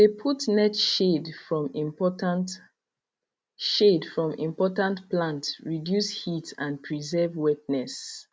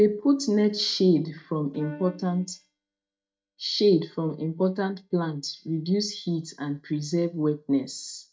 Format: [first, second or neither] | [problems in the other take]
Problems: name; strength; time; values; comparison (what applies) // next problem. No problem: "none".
first | noise reduction (neural mask model DeepFilterNet 3)